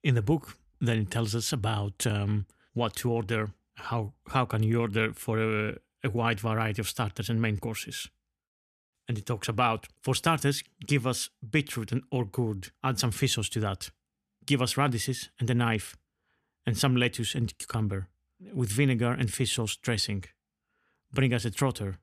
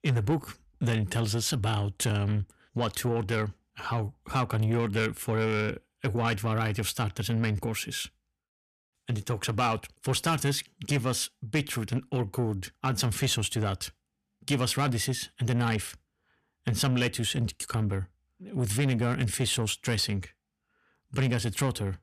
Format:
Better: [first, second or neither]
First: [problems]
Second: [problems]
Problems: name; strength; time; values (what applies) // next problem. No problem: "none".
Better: first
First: none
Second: distortion; slight; 10 dB below the speech